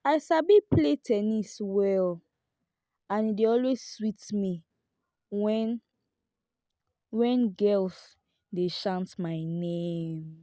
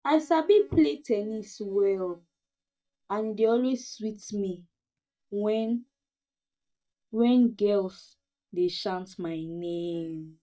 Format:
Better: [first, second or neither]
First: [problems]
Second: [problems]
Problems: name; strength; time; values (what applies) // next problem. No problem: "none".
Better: first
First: none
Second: noise reduction (neural mask model DeepFilterNet 3)